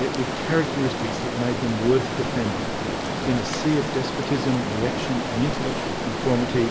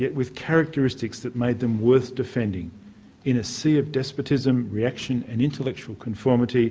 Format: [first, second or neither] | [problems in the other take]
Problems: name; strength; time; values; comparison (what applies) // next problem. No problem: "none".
second | background sound (Stream); 1 dB below the speech